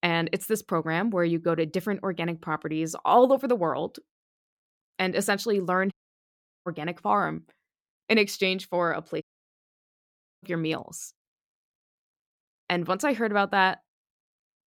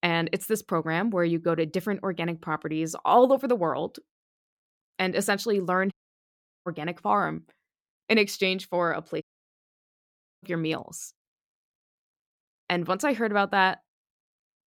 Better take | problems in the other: neither | audio cutting out; at 6 s for 0.5 s and at 9 s for 1 s; the same in both

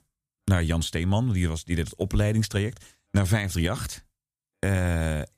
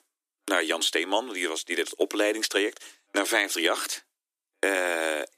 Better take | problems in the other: first | thin; very; fading below 300 Hz

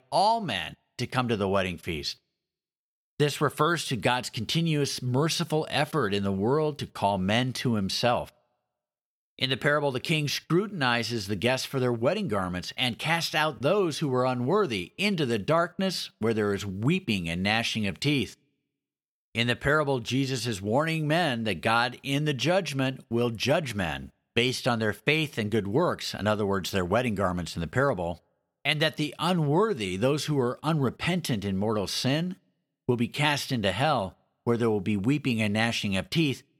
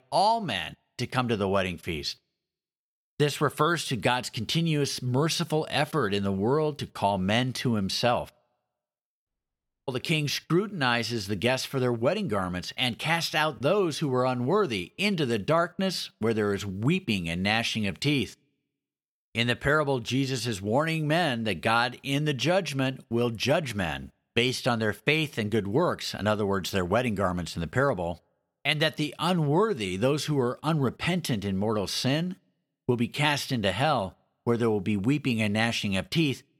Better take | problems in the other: first | audio cutting out; at 9.5 s for 0.5 s

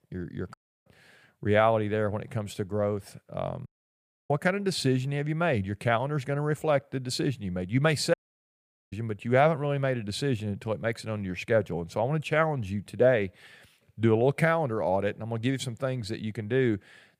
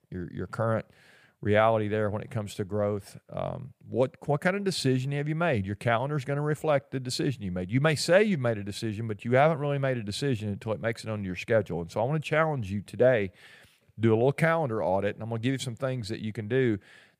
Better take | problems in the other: second | audio cutting out; at 0.5 s, at 3.5 s for 0.5 s and at 8 s for 1 s

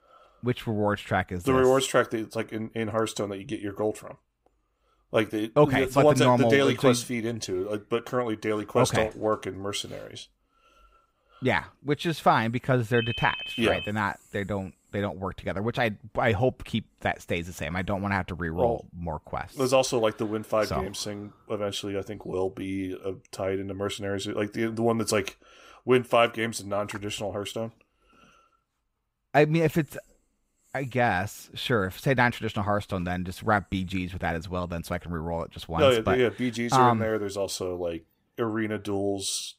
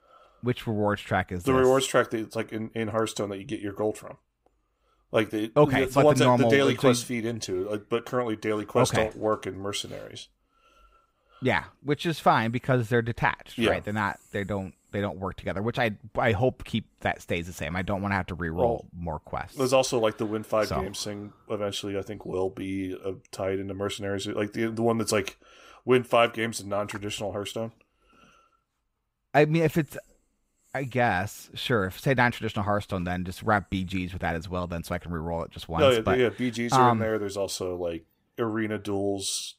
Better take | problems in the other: second | phone ringing; noticeable; at 13 s; peak 5 dB below the speech

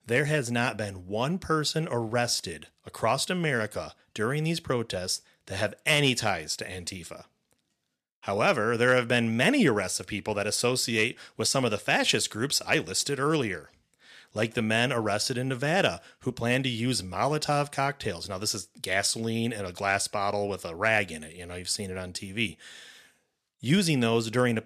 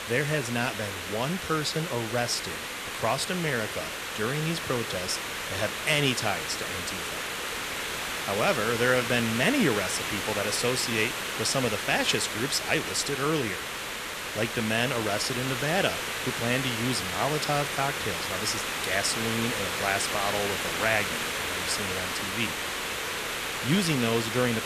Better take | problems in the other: first | hiss; loud; throughout; 2 dB below the speech

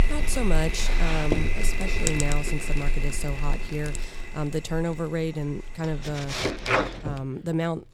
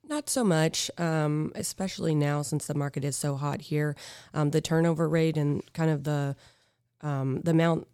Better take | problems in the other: second | household noises; very loud; throughout; 1 dB above the speech

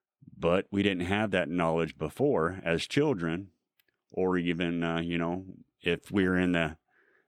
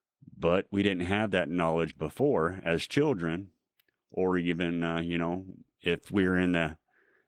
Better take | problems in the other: first | garbled, watery; slightly

